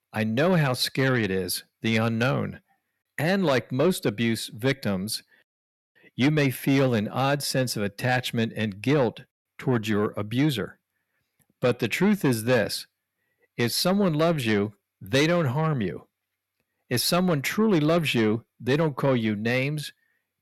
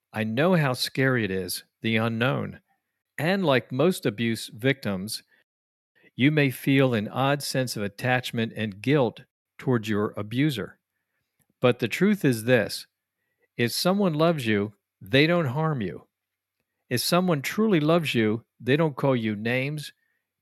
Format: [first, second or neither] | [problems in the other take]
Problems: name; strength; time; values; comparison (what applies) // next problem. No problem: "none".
second | distortion; slight; 10 dB below the speech